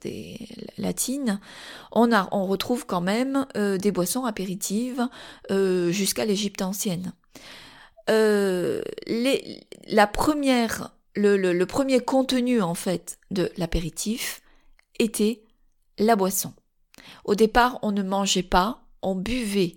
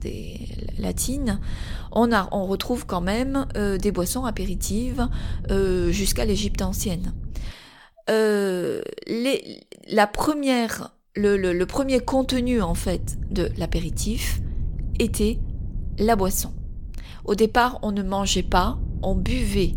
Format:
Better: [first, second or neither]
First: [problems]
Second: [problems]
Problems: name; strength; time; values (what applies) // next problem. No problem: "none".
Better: first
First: none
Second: low rumble; faint; until 7.5 s and from 11 s on; 20 dB below the speech